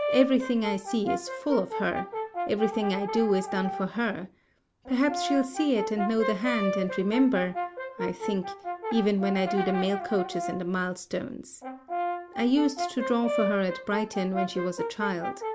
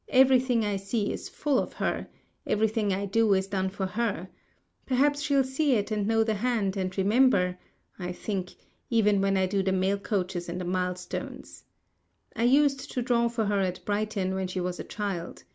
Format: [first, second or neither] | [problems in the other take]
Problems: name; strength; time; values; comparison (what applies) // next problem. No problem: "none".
second | background sound (Brass instrument); 6 dB below the speech